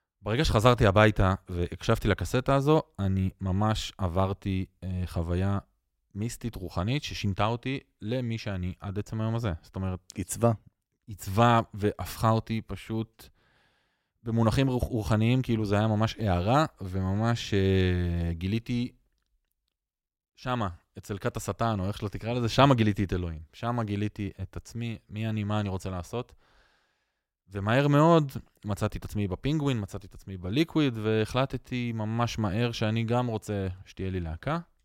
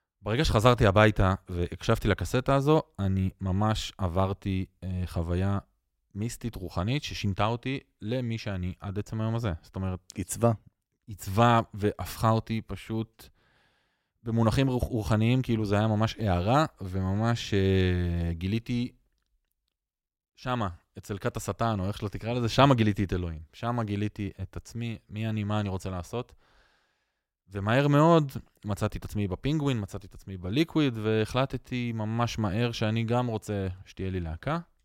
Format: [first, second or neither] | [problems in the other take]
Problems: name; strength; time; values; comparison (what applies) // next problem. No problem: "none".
neither | none